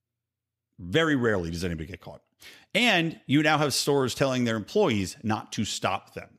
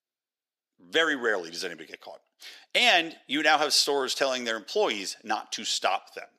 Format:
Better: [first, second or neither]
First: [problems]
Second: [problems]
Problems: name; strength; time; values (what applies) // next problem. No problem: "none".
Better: first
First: none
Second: thin; somewhat; fading below 350 Hz